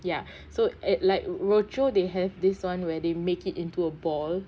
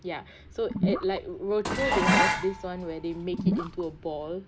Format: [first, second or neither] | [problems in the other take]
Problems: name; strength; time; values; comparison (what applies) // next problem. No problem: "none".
first | background sound (Dishes, pots, and pans + Gurgling / Liquid); 3 dB above the speech